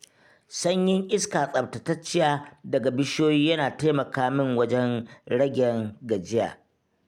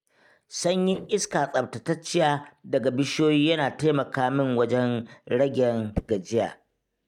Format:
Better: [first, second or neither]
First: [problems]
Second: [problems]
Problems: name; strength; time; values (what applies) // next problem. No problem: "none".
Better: first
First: none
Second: noise reduction (neural mask model DeepFilterNet 3)